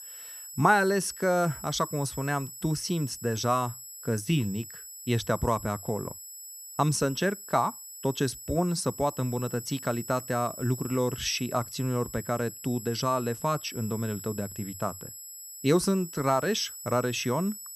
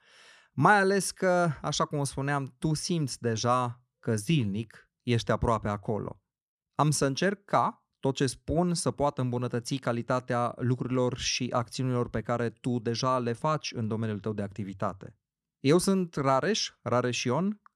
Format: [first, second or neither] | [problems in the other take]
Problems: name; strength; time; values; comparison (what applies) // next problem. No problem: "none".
second | high-pitched whine; noticeable; throughout; 8 kHz, 10 dB below the speech